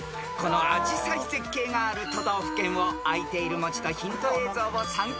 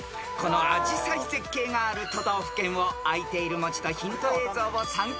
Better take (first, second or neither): second